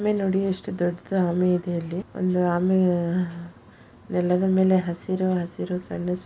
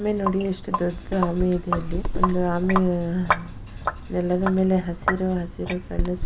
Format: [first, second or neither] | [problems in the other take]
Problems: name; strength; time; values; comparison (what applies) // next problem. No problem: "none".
first | background sound (Sink (filling or washing)); 3 dB below the speech